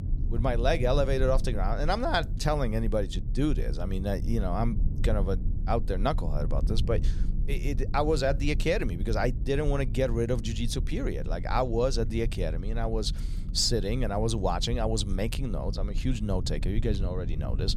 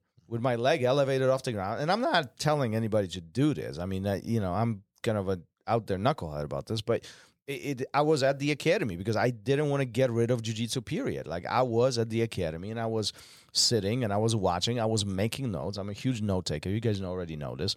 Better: second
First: low rumble; noticeable; throughout; 15 dB below the speech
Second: none

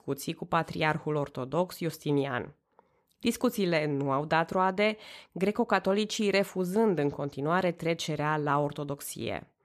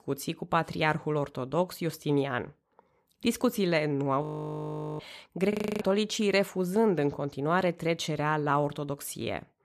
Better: first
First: none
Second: audio freezing; at 4 s for 1 s and at 5.5 s

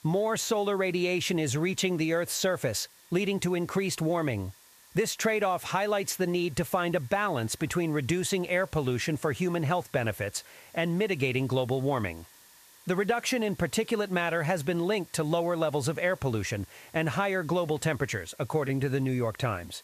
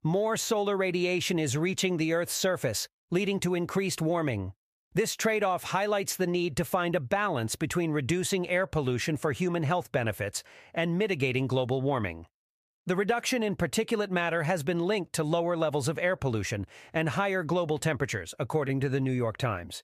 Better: second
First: hiss; faint; throughout; 25 dB below the speech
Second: none

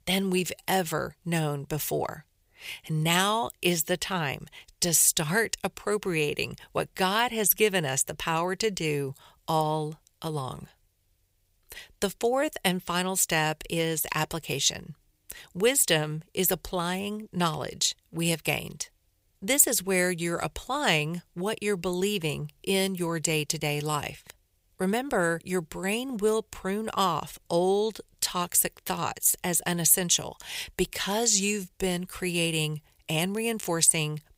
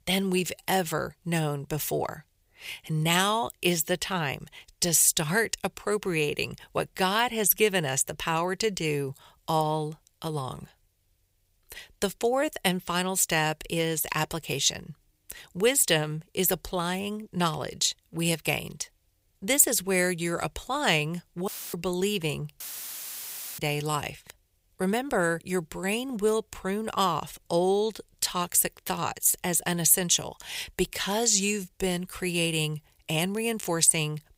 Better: first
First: none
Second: audio cutting out; filled with static; at 21 s and at 23 s for 1 s

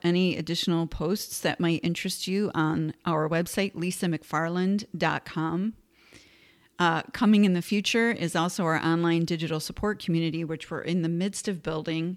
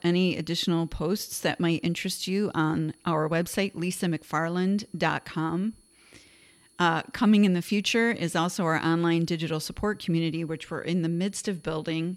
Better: first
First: none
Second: high-pitched whine; faint; throughout; 10.5 kHz, 35 dB below the speech

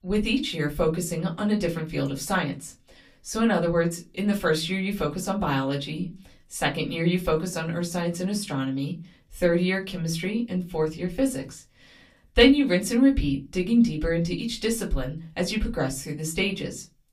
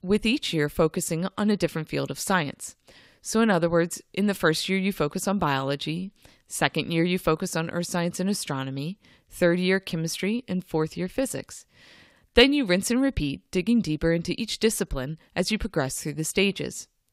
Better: second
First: off-mic speech; far // room echo; very slight; dies away in 0.2 s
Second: none

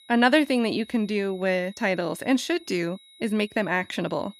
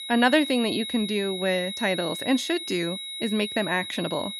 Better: first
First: high-pitched whine; faint; throughout; 4 kHz, 25 dB below the speech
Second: high-pitched whine; loud; throughout; 4 kHz, 6 dB below the speech

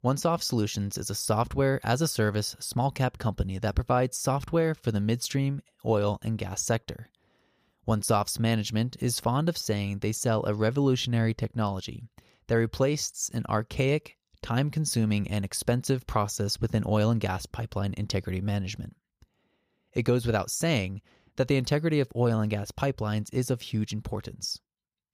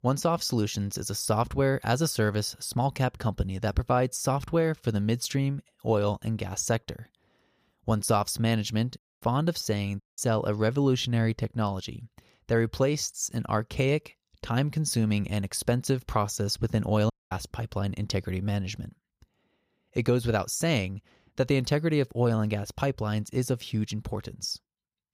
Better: first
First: none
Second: audio cutting out; at 9 s, at 10 s and at 17 s

